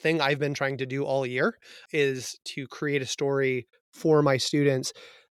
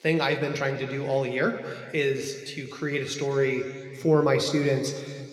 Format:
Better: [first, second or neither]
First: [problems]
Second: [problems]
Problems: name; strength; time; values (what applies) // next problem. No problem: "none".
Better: first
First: none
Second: room echo; slight; dies away in 2.2 s